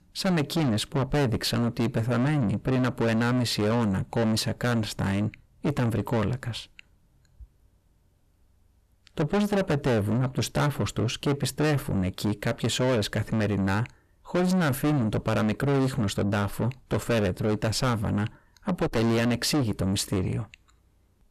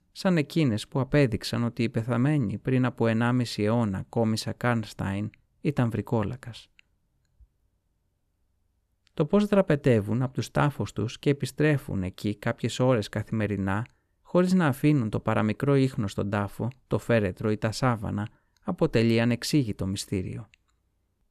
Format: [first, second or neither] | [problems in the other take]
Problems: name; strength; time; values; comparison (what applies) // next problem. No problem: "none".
second | distortion; heavy; 6 dB below the speech